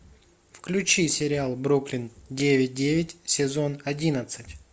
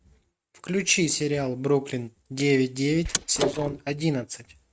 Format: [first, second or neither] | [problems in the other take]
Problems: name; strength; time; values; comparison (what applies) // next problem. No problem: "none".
first | noise reduction (neural mask model RNNoise)